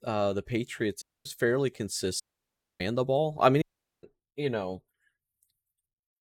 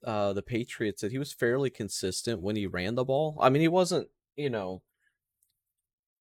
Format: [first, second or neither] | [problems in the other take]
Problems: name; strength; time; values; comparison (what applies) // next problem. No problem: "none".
second | audio cutting out; at 1 s, at 2 s for 0.5 s and at 3.5 s